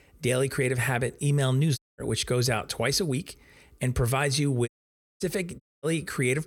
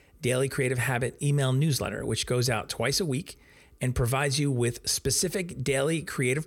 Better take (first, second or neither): second